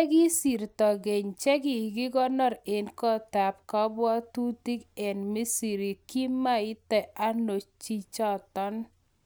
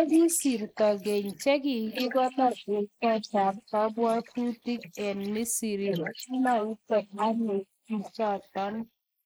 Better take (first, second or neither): first